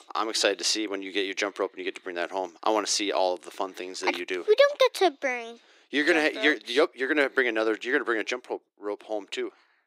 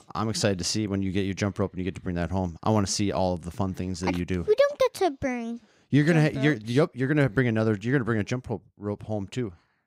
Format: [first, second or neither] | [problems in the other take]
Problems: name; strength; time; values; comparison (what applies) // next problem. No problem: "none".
second | thin; very; fading below 350 Hz